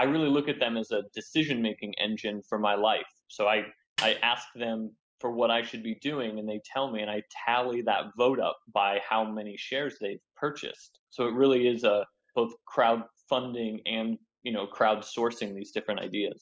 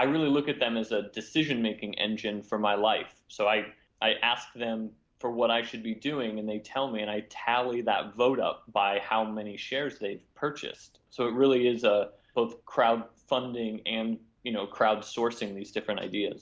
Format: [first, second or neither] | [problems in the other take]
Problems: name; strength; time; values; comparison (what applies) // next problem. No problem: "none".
second | noise reduction (classical method spectral subtraction)